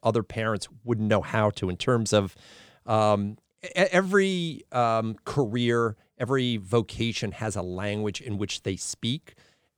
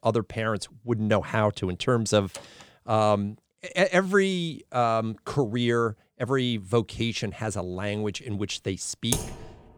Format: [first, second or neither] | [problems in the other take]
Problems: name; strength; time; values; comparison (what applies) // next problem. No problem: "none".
first | door banging; faint; at 2.5 s; peak 15 dB below the speech // keyboard typing; noticeable; at 9 s; peak 3 dB below the speech